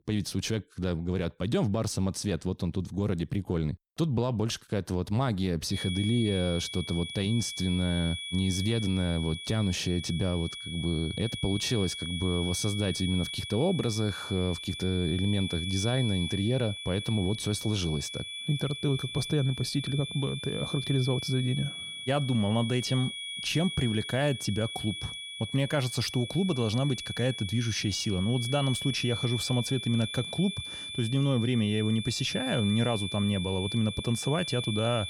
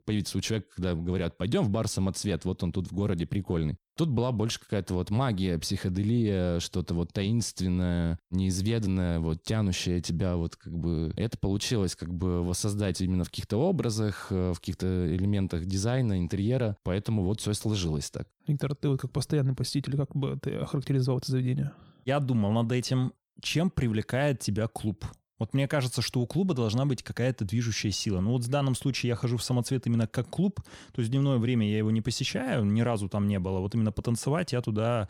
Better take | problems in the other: second | high-pitched whine; loud; from 5.5 s on; 3.5 kHz, 6 dB below the speech

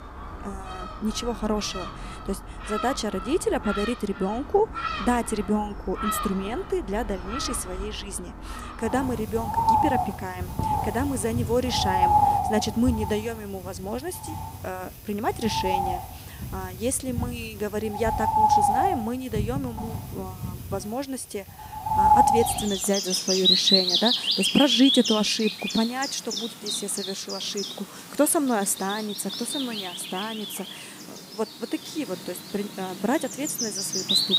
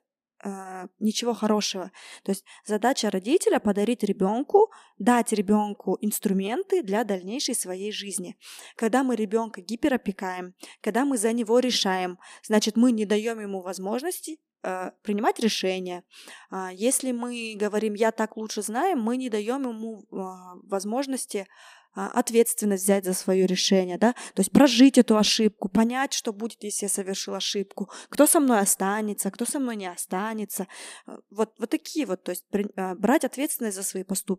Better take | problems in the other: second | animal sounds; very loud; throughout; 2 dB above the speech

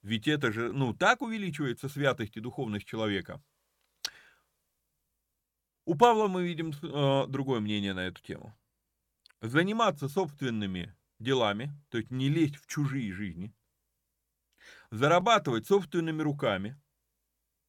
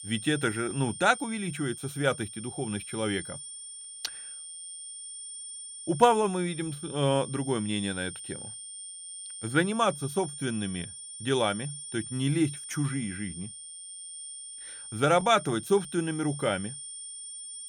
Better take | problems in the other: first | high-pitched whine; noticeable; throughout; 9 kHz, 10 dB below the speech

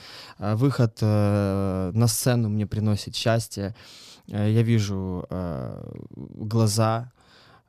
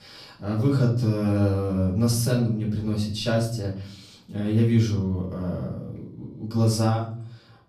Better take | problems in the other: first | off-mic speech; far // room echo; slight; dies away in 0.5 s

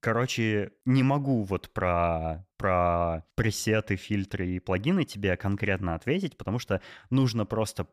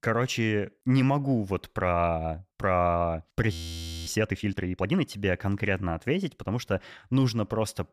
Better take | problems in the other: first | audio freezing; at 3.5 s for 0.5 s

